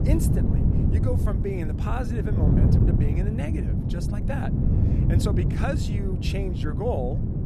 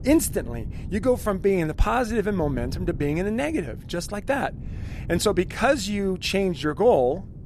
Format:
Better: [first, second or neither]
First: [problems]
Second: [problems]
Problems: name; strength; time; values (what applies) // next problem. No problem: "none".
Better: second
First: wind noise on the microphone; heavy; 1 dB below the speech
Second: wind noise on the microphone; occasional gusts; 25 dB below the speech